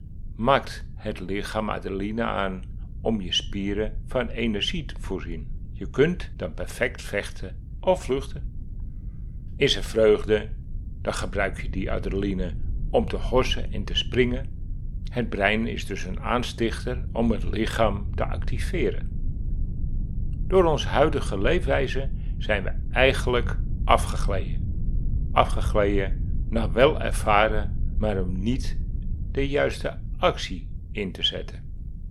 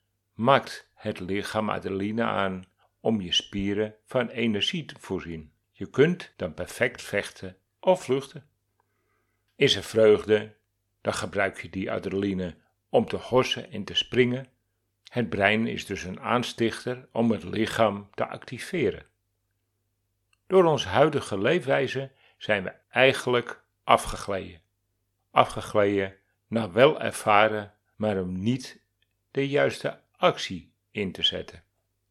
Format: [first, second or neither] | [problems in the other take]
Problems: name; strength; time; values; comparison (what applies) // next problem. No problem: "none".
second | low rumble; faint; throughout; 25 dB below the speech